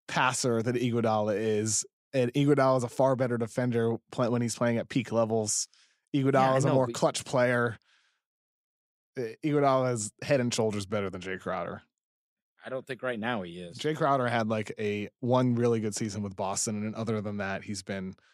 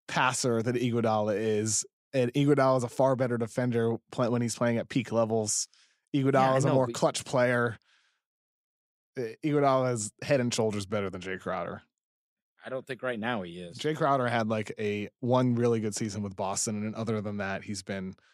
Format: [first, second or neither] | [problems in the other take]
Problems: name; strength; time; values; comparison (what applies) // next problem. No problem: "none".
neither | none